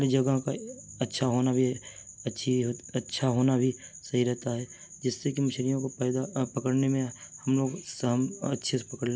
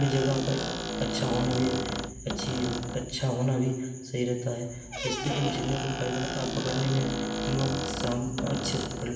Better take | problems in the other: first | background sound (Squeak); 4 dB below the speech // room echo; dies away in 1.2 s

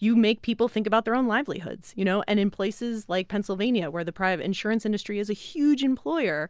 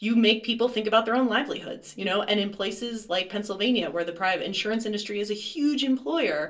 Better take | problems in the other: first | room echo; dies away in 0.2 s

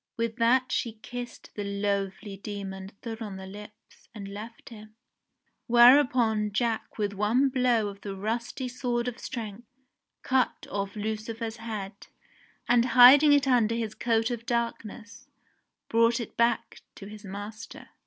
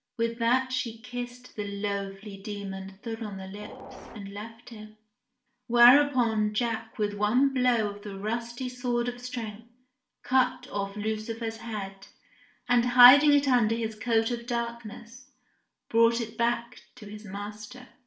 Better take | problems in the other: first | background sound (Train); 13 dB below the speech // room echo; dies away in 0.4 s

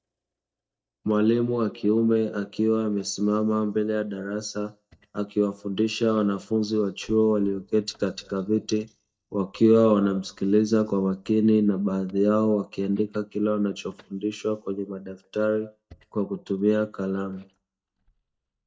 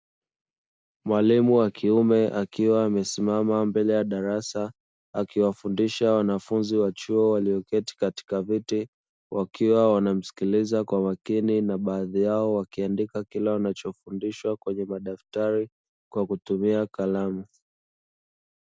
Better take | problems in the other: second | noise reduction (neural mask model DeepFilterNet 3)

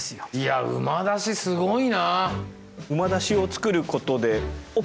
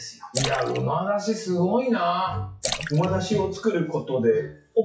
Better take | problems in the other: first | noise reduction (classical method WPE with log-MMSE)

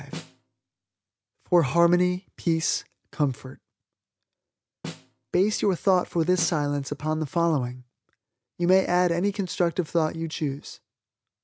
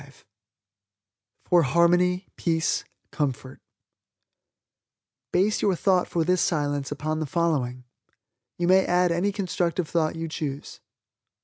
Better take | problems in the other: second | background sound (Snare drum); 16 dB below the speech

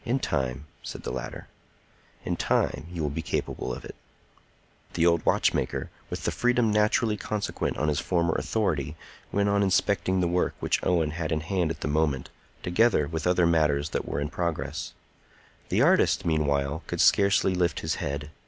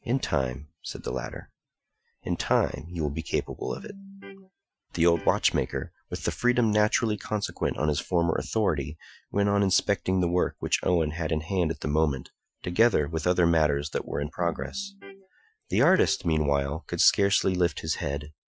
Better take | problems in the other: first | noise reduction (classical method Wiener filter)

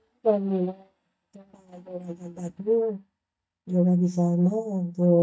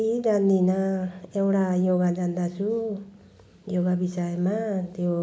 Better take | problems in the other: second | noise reduction (neural mask model DeepFilterNet 3)

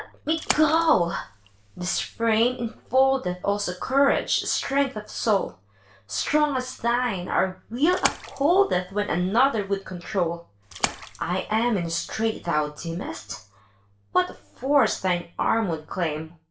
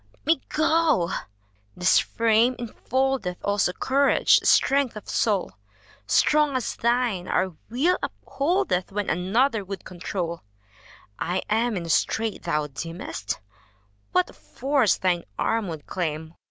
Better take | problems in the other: second | background sound (Splash, splatter); 11 dB below the speech // room echo; dies away in 0.3 s

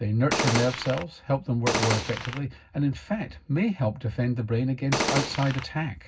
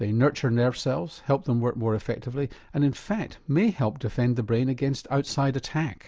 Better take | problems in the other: second | background sound (Gunshot, gunfire); 1 dB below the speech // room echo; dies away in 0.4 s

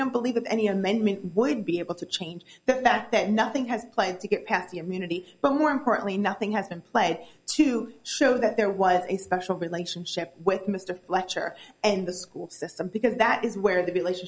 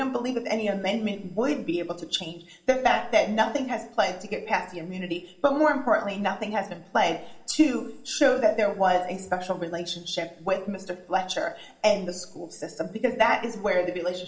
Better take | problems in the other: first | room echo; dies away in 0.6 s

